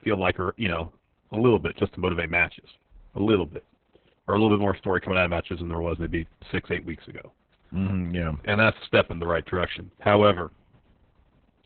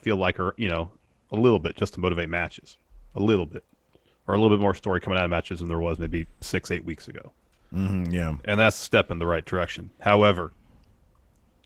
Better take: second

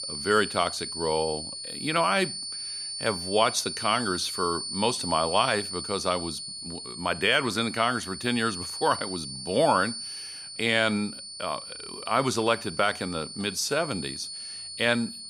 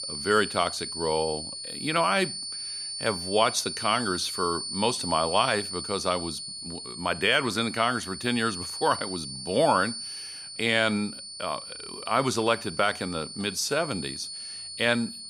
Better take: neither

